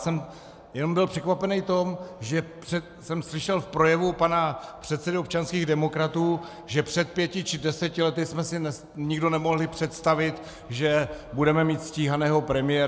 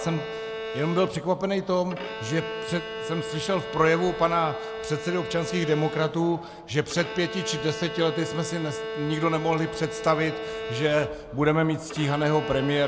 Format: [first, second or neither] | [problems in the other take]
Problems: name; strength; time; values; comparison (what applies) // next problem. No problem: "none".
first | background sound (Bowed string instrument); 8 dB below the speech